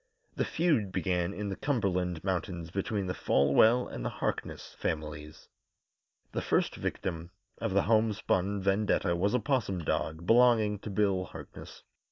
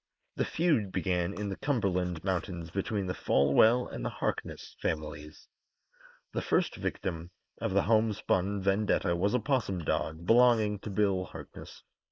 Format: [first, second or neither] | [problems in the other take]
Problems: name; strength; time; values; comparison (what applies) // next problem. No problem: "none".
first | noise reduction (neural mask model Resemble Enhance denoiser)